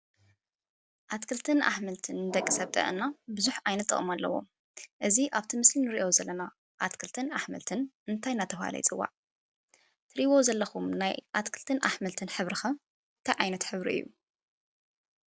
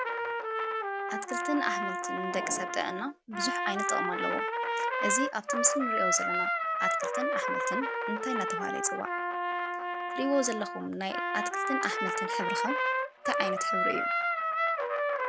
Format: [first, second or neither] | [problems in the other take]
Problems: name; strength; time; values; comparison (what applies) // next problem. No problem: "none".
first | background sound (Trumpet); 4 dB above the speech